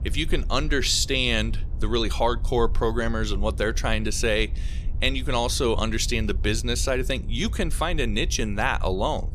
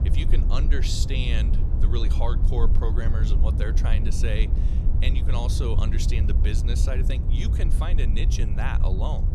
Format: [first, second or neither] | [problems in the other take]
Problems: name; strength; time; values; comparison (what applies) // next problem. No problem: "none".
first | low rumble; loud; throughout; 6 dB below the speech; faint in the first